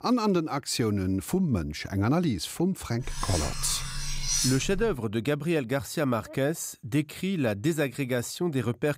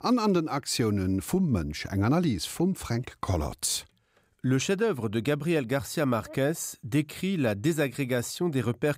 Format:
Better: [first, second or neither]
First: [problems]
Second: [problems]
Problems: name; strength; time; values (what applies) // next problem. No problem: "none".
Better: second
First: clattering dishes; loud; from 3 to 5 s; peak 2 dB above the speech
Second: none